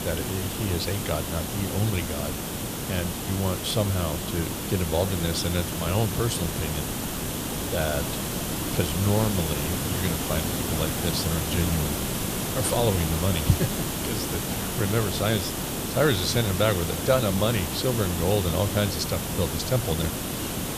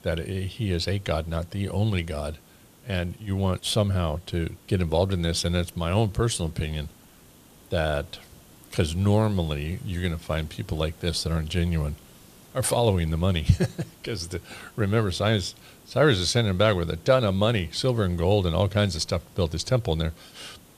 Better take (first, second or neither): second